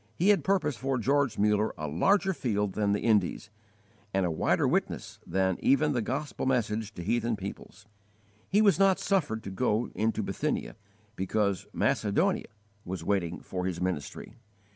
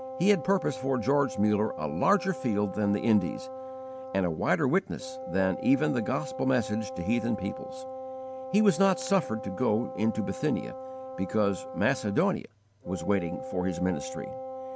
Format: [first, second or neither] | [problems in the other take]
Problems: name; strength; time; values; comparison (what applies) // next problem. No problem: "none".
first | background sound (Wind instrument, woodwind instrument); 10 dB below the speech